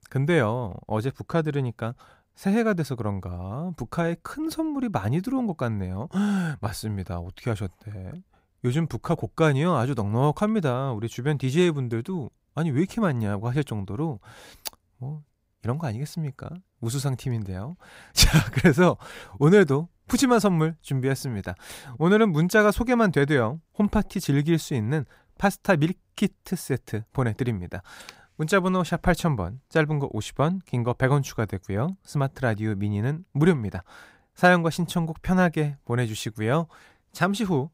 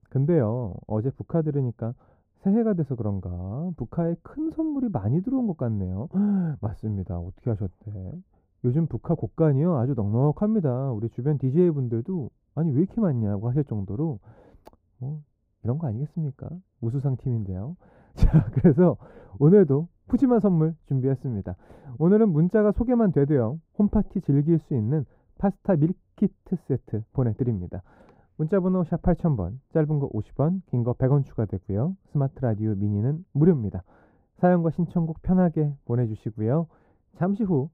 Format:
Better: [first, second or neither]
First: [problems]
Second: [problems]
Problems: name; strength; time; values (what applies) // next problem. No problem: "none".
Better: first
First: none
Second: muffled; very; fading above 1.5 kHz